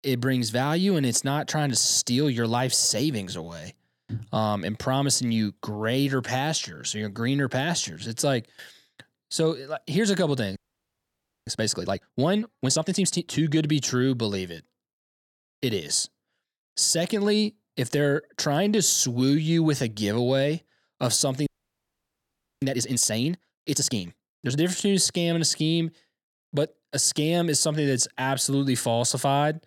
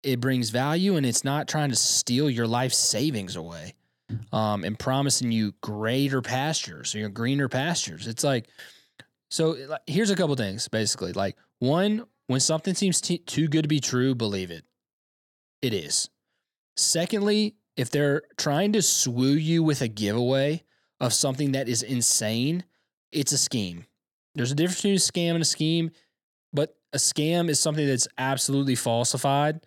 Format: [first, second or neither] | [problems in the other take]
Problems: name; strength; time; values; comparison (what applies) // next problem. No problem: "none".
second | audio freezing; at 11 s for 1 s and at 21 s for 1 s